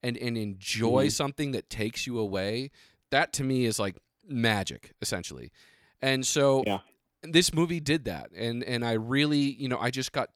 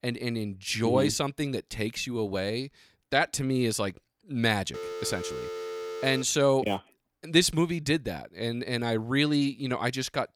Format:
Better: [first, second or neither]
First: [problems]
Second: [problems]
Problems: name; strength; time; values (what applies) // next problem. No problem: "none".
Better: first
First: none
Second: phone ringing; noticeable; from 4.5 to 6 s; peak 8 dB below the speech